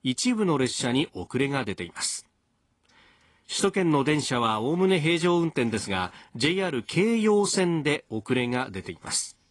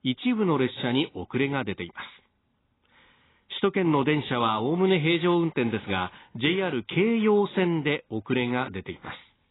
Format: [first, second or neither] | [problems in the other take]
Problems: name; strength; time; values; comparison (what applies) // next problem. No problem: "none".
first | garbled, watery; badly; nothing above 4 kHz; slightly in the first